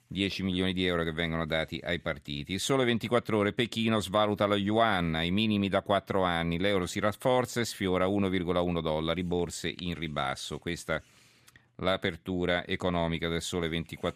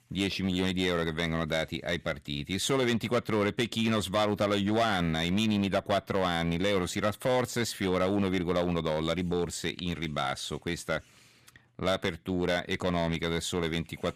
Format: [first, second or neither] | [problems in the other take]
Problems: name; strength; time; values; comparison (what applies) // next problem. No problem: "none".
first | distortion; slight; 6% of the sound clipped